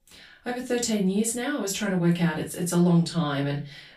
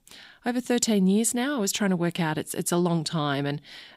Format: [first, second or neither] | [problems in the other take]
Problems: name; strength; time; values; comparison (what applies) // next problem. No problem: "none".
second | off-mic speech; far // room echo; very slight; dies away in 0.2 s